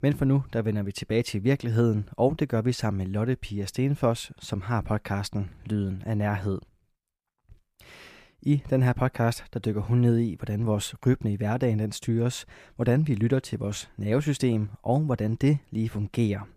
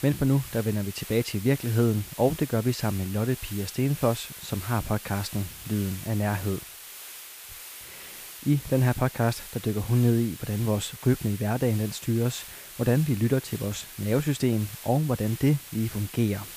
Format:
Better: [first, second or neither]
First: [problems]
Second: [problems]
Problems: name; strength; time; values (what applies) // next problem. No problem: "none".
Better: first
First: none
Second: hiss; noticeable; throughout; 15 dB below the speech